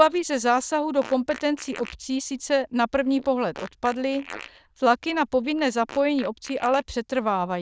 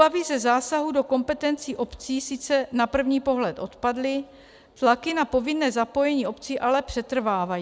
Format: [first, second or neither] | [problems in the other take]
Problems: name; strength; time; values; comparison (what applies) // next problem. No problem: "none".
second | noise reduction (neural diffusion model UNIVERSE++)